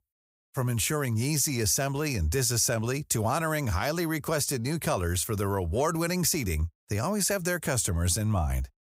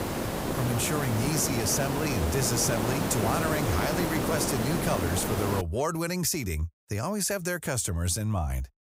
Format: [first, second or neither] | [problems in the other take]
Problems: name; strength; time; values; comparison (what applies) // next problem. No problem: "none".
first | hiss; loud; until 5.5 s; 1 dB below the speech